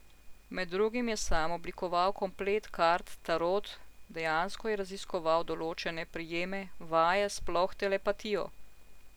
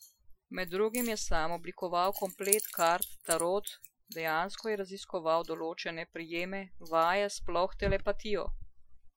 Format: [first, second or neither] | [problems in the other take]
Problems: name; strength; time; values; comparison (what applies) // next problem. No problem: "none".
first | noise reduction (classical method Wiener filter)